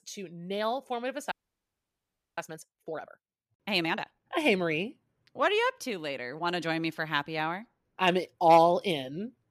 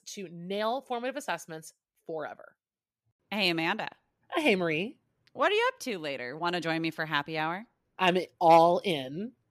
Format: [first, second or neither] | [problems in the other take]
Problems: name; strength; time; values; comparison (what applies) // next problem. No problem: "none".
second | audio freezing; at 1.5 s for 1 s